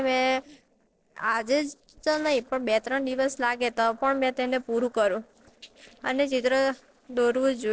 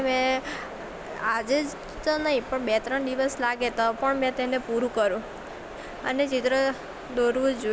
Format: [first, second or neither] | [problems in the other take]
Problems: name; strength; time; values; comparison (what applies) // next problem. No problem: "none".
second | noise reduction (neural separator model SepFormer DNS4)